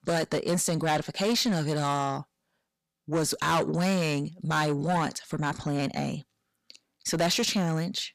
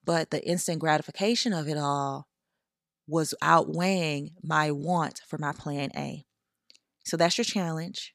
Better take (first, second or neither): second